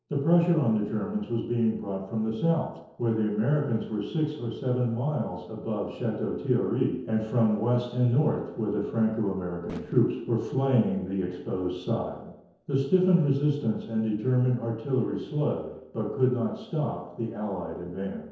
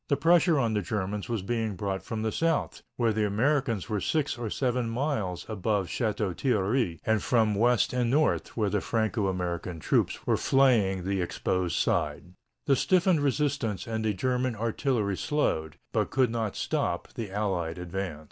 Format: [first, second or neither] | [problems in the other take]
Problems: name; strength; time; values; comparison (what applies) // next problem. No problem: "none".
second | noise reduction (neural separator model SepFormer DNS4)